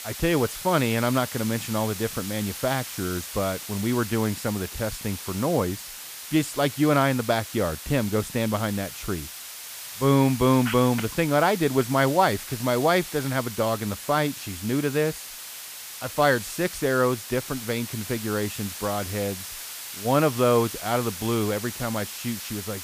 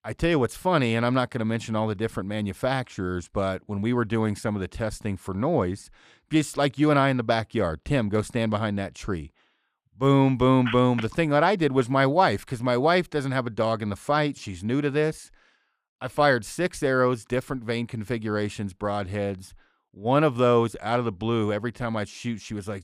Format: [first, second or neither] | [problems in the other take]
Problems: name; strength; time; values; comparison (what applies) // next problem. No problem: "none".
second | hiss; loud; throughout; 10 dB below the speech